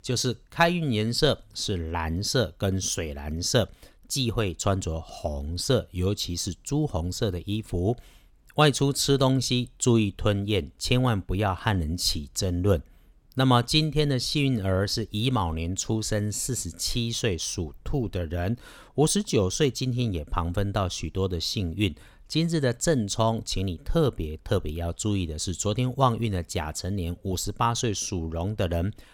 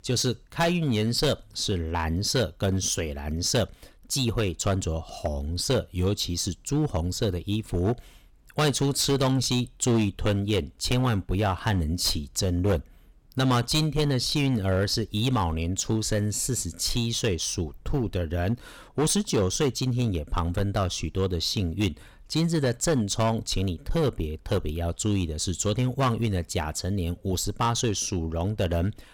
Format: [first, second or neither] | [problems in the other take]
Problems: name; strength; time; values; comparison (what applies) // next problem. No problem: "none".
first | distortion; slight; 6% of the sound clipped